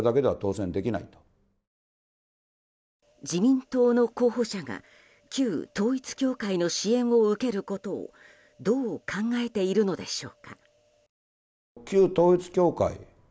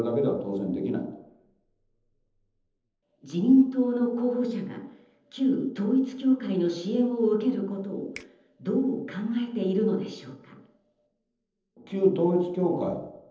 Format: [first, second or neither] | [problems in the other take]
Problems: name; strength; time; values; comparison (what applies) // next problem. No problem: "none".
first | noise reduction (neural separator model SepFormer DNS4)